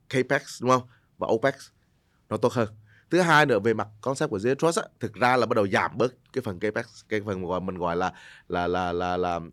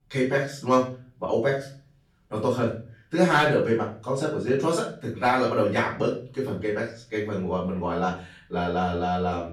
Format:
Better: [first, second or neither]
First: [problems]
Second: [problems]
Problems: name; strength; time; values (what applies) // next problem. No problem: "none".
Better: first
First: none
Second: off-mic speech; far // room echo; slight; dies away in 0.4 s